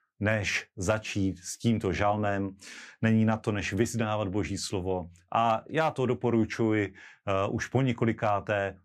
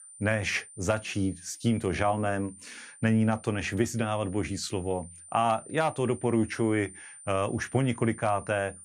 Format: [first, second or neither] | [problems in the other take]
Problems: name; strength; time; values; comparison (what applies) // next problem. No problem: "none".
first | high-pitched whine; noticeable; throughout; 9 kHz, 20 dB below the speech